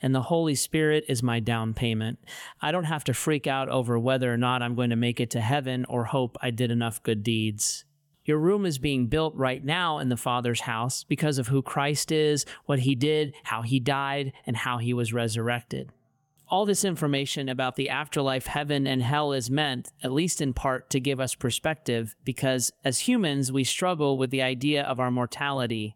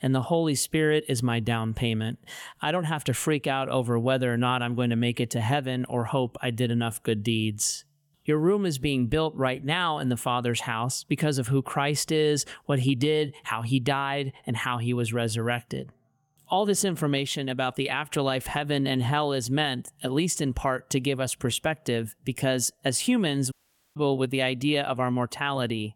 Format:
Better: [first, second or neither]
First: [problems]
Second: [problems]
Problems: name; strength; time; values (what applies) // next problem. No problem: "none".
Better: first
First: none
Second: audio cutting out; at 24 s